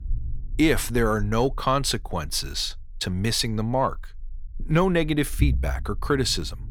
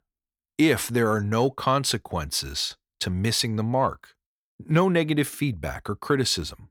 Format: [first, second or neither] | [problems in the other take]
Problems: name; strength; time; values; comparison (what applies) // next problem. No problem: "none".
second | low rumble; faint; throughout; 25 dB below the speech